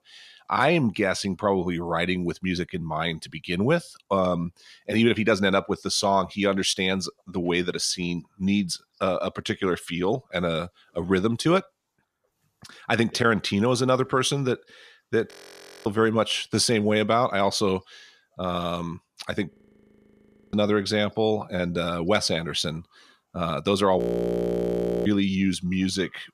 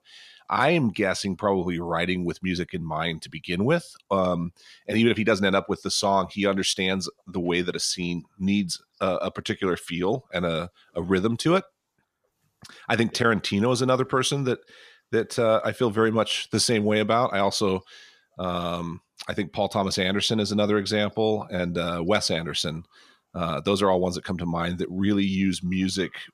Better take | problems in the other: second | audio freezing; at 15 s for 0.5 s, at 20 s for 1 s and at 24 s for 1 s

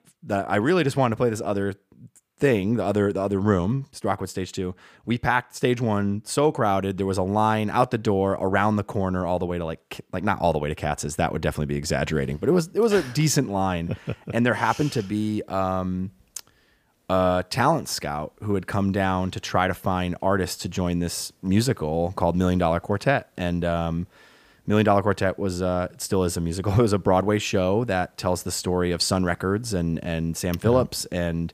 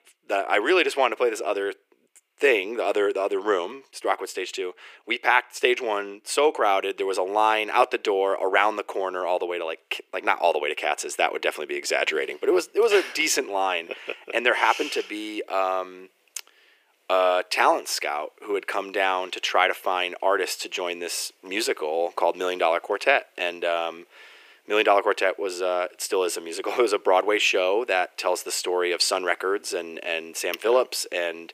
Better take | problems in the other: first | thin; very; fading below 350 Hz

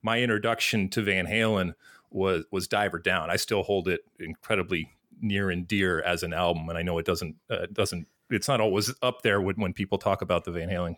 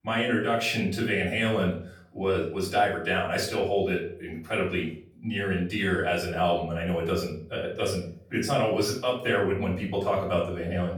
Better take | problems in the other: first | room echo; noticeable; dies away in 0.4 s // off-mic speech; far

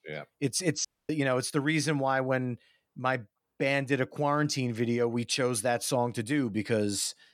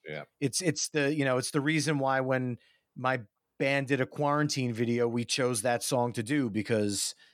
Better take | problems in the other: second | audio cutting out; at 1 s

